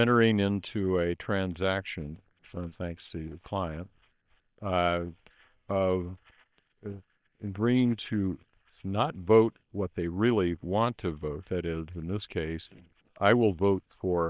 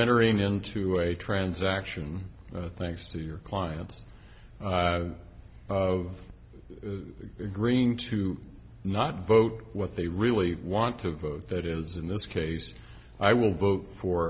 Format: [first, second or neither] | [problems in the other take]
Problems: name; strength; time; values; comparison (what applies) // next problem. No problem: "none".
second | noise reduction (neural separator model SepFormer WHAM!)